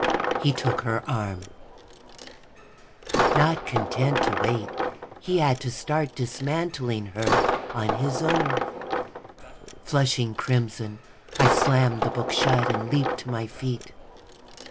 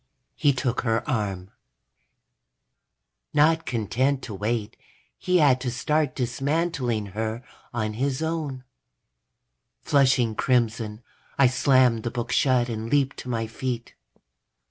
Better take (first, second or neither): second